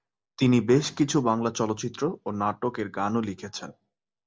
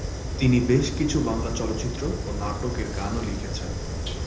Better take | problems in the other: first | background sound (Fire); 3 dB below the speech // room echo; dies away in 0.7 s

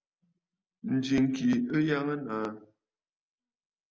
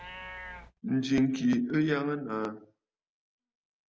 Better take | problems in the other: first | background sound (Livestock, farm animals, working animals); 19 dB below the speech

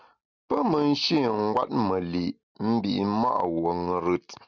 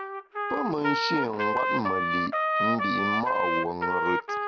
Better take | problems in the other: first | background sound (Trumpet); 2 dB above the speech

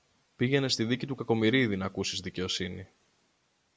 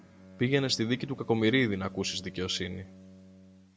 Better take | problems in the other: first | background sound (Bowed string instrument); 19 dB below the speech

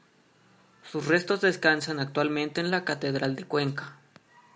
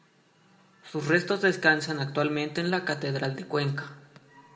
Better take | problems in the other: first | room echo; dies away in 1.5 s

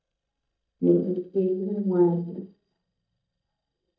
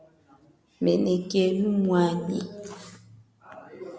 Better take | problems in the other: second | noise reduction (neural mask model DeepFilterNet 3)

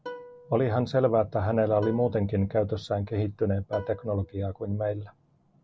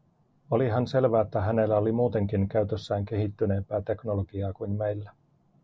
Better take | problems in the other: second | background sound (Plucked string instrument); 19 dB below the speech

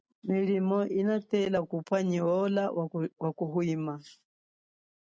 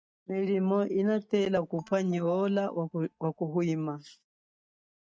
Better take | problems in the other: first | noise reduction (neural mask model DeepFilterNet 3)

